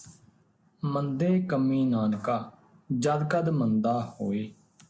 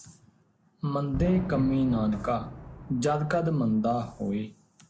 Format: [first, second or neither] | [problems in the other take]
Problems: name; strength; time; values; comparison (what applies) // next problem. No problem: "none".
first | background sound (Fireworks); 9 dB below the speech